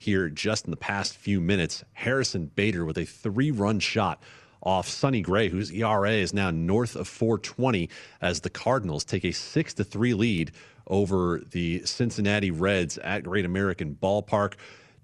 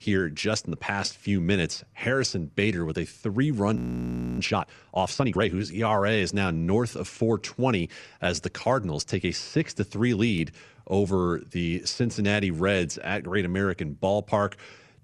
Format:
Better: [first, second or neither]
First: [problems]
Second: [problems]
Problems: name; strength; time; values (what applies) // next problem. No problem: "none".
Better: first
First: none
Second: audio freezing; at 4 s for 0.5 s